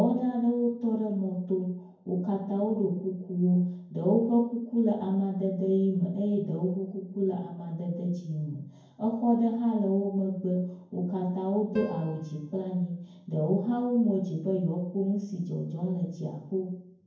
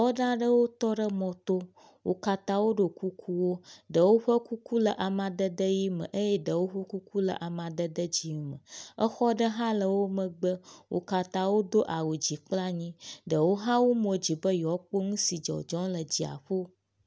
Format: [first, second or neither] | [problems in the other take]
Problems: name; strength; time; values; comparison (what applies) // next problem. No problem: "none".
second | background sound (Piano); 20 dB below the speech // room echo; dies away in 0.9 s